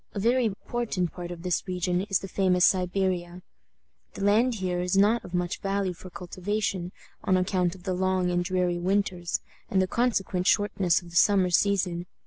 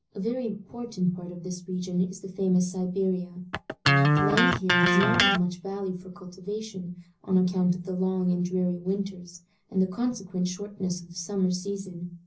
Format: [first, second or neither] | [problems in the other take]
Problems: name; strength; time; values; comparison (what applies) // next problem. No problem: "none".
first | background sound (Electric guitar); 4 dB above the speech // room echo; dies away in 0.5 s